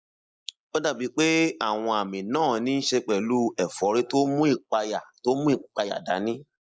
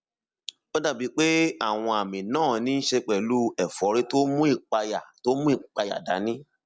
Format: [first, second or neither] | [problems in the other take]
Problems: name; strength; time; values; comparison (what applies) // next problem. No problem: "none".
second | noise reduction (neural mask model Resemble Enhance denoiser)